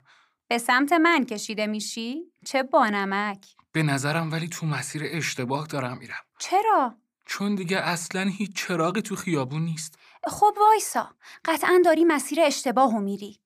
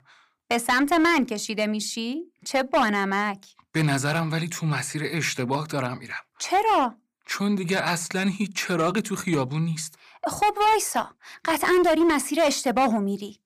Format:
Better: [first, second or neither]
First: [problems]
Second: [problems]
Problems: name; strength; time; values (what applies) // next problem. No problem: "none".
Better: first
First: none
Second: distortion; slight; 6% of the sound clipped